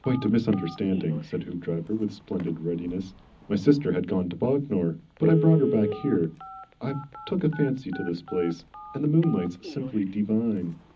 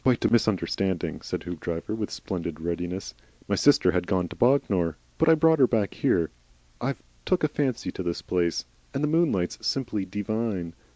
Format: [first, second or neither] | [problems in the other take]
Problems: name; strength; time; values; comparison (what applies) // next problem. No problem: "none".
second | background sound (Telephone); 12 dB below the speech // room echo; dies away in 0.4 s